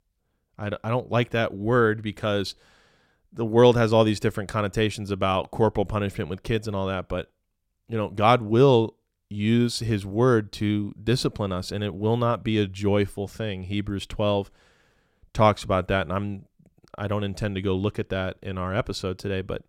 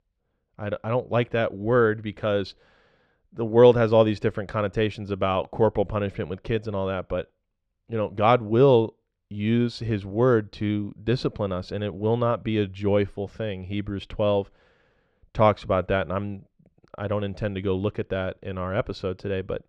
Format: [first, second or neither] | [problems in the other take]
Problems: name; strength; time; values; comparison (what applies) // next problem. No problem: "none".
first | muffled; slightly; fading above 3.5 kHz